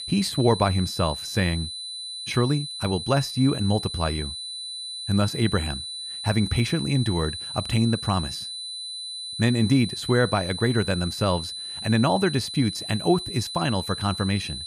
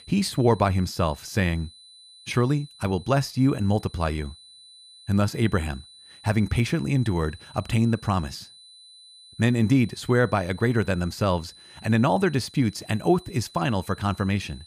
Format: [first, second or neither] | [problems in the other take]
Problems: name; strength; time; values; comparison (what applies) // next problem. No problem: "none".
second | high-pitched whine; loud; throughout; 4 kHz, 7 dB below the speech; faint in the second